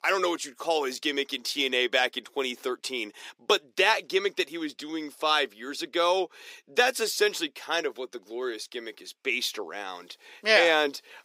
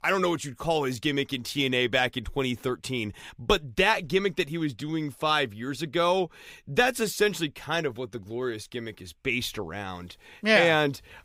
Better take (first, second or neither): second